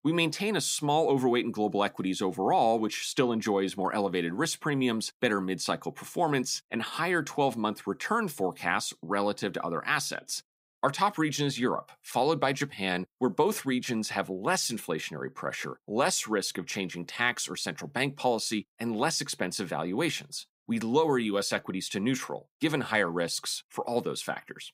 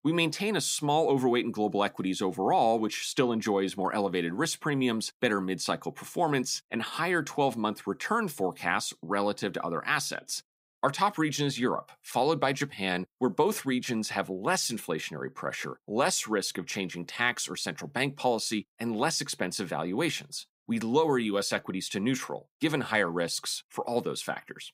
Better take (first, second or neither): neither